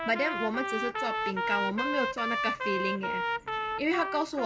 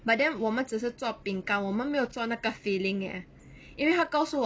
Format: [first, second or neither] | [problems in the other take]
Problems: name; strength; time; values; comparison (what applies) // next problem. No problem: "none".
second | background sound (Trumpet); as loud as the speech